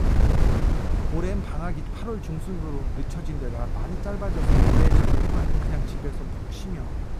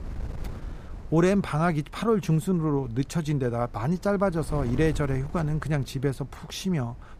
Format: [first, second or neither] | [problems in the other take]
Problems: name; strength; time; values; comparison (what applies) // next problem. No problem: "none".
second | wind noise on the microphone; heavy; 3 dB above the speech; occasional gusts in the second